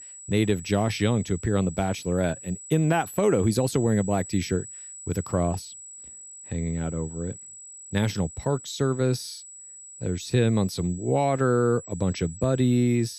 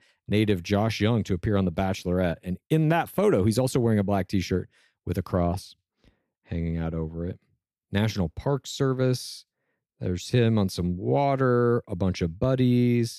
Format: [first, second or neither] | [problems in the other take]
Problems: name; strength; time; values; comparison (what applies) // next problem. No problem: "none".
second | high-pitched whine; noticeable; throughout; 8 kHz, 15 dB below the speech